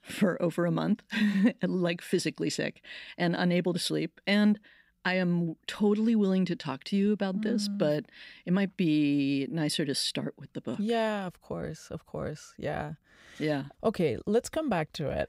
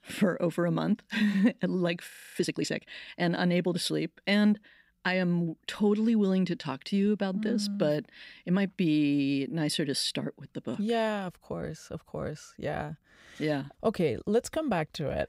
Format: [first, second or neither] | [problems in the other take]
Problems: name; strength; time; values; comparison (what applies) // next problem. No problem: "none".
first | audio freezing; at 2 s